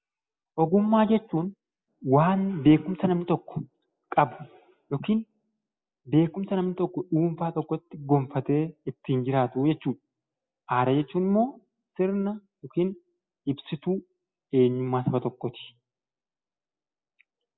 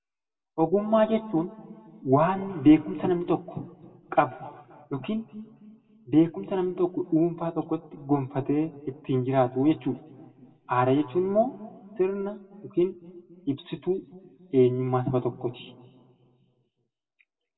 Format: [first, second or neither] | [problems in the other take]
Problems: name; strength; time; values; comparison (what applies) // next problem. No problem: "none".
first | room echo; dies away in 1.8 s